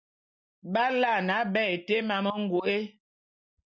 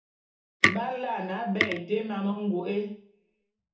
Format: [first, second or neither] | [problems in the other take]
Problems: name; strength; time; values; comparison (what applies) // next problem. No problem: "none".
first | background sound (Tick); 1 dB above the speech // room echo; dies away in 0.8 s